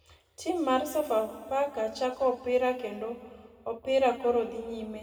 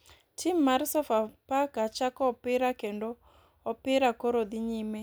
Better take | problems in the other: second | room echo; dies away in 1.9 s

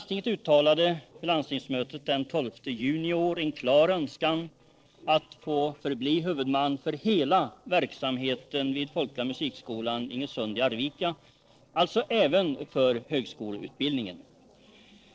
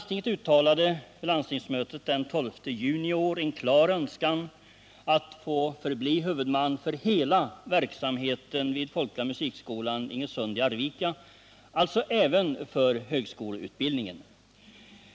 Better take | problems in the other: second | noise reduction (neural separator model SepFormer DNS4)

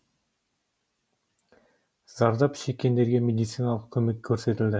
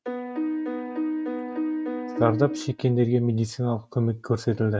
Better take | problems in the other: first | noise reduction (neural mask model RNNoise)

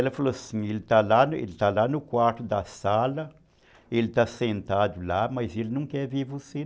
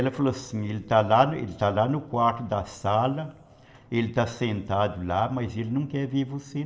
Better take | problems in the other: first | room echo; dies away in 2.3 s

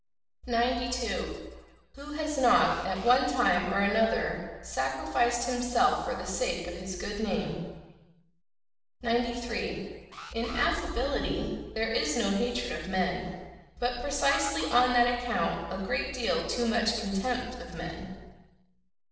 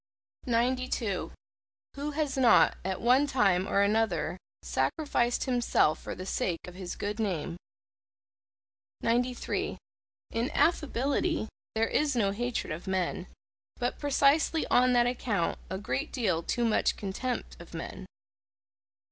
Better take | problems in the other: second | noise reduction (neural separator model SepFormer DNS4)

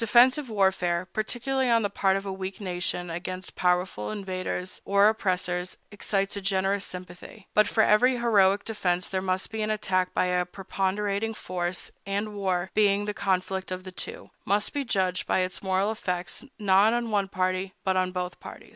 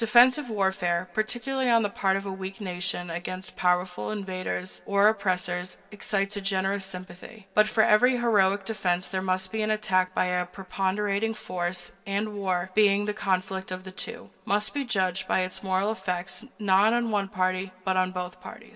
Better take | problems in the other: first | room echo; dies away in 1.9 s

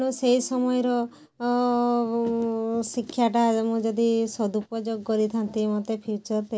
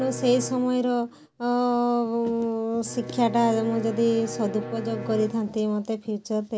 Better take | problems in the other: first | background sound (Bowed string instrument); 13 dB below the speech

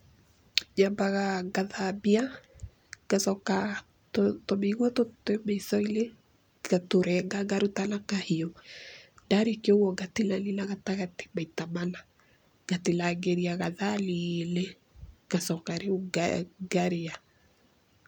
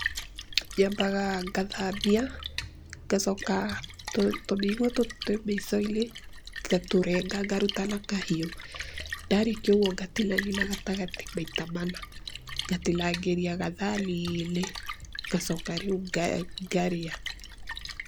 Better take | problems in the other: first | background sound (Splash, splatter); 9 dB below the speech

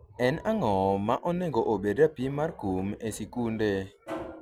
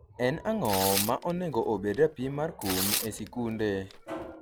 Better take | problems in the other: first | background sound (Tearing); 6 dB below the speech

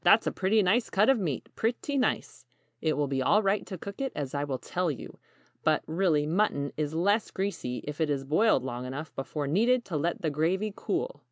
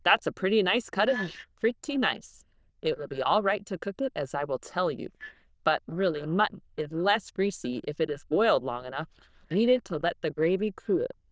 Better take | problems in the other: first | noise reduction (neural diffusion model UNIVERSE++)

